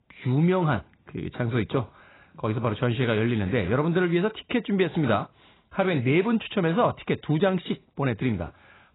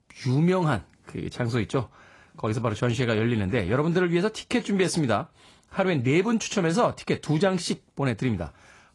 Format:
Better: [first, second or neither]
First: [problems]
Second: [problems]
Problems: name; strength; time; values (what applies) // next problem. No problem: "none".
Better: second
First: garbled, watery; badly; nothing above 4 kHz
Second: garbled, watery; slightly; nothing above 10 kHz